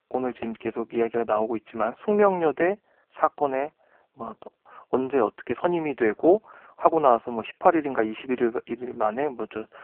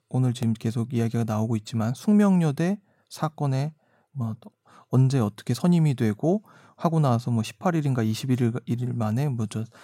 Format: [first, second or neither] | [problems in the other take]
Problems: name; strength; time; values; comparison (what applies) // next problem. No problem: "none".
second | phone-call audio; poor line